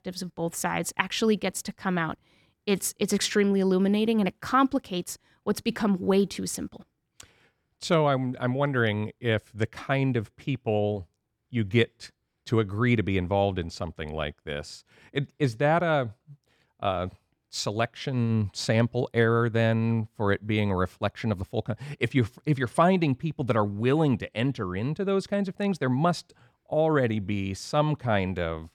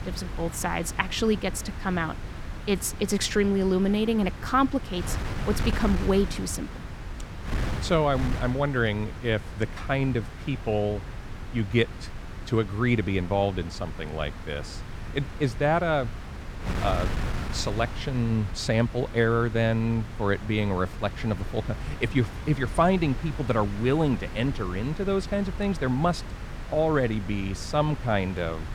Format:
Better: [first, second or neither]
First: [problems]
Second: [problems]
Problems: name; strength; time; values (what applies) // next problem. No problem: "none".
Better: first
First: none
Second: wind noise on the microphone; occasional gusts; 10 dB below the speech